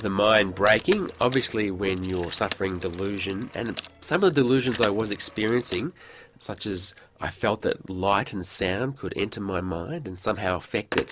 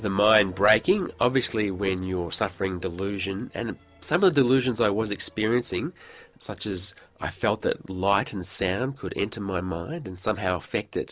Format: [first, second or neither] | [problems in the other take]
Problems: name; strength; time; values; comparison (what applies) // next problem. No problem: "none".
second | background sound (Telephone); 16 dB below the speech